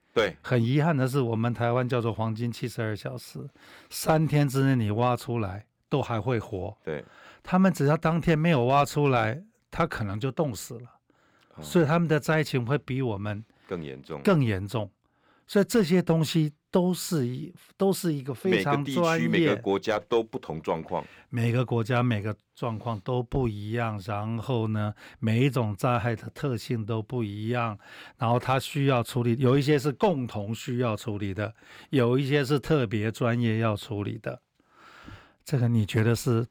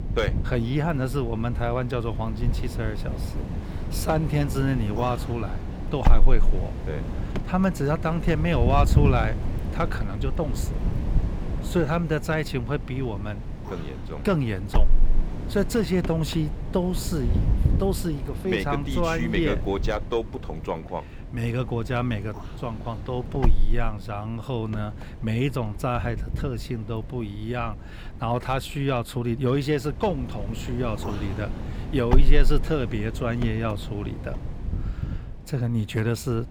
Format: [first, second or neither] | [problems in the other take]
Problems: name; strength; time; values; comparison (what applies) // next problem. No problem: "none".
first | wind noise on the microphone; occasional gusts; 10 dB below the speech